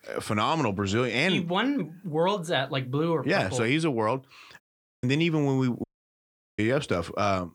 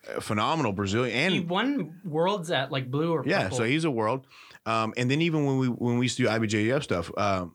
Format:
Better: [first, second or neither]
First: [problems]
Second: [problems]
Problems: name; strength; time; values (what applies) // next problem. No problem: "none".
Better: second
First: audio cutting out; at 4.5 s and at 6 s for 0.5 s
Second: none